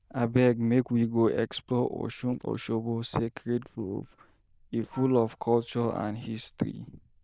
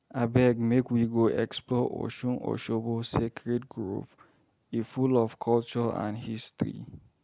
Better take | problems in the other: second | noise reduction (neural diffusion model UNIVERSE++)

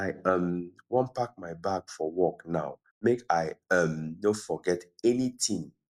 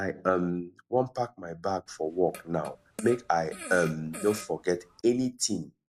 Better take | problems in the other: first | background sound (Fart); 15 dB below the speech

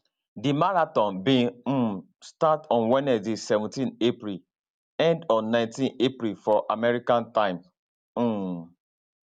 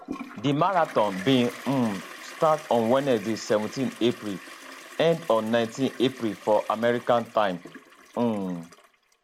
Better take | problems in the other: first | background sound (Toilet flush); 17 dB below the speech

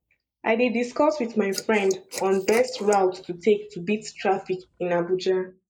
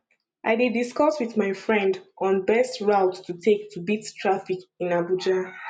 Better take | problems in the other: second | noise reduction (neural mask model Resemble Enhance denoiser)

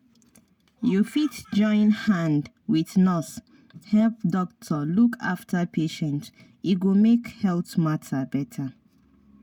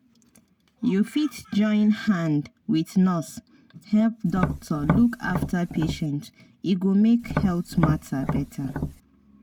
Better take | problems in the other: first | background sound (Tap); 4 dB below the speech

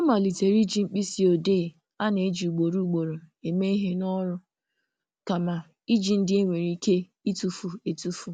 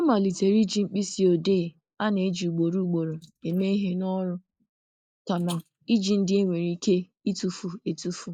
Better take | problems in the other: first | noise reduction (neural mask model Resemble Enhance denoiser)

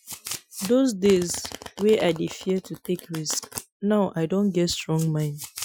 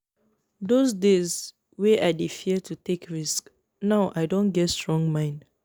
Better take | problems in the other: second | noise reduction (classical method Wiener filter)

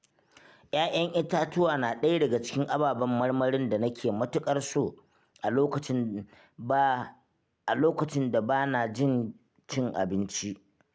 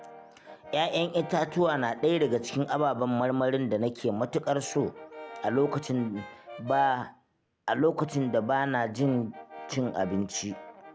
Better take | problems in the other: first | background sound (Brass instrument); 17 dB below the speech

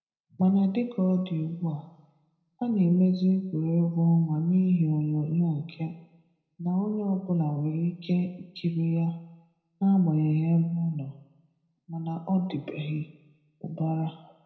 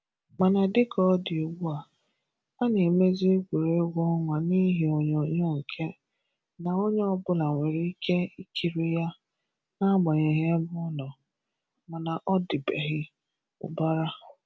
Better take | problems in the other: second | room echo; dies away in 0.7 s

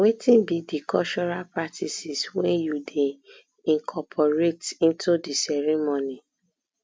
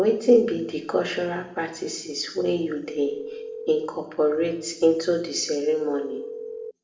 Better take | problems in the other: first | noise reduction (neural separator model SepFormer DNS4)

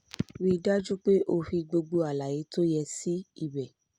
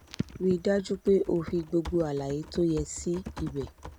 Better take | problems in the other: first | background sound (Typing); 15 dB below the speech

